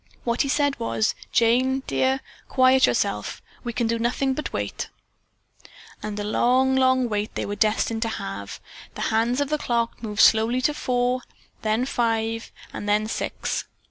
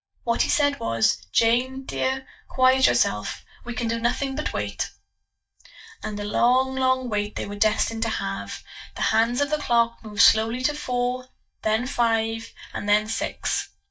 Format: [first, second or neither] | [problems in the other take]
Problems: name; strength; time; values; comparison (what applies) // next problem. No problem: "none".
first | noise reduction (neural mask model DeepFilterNet 3)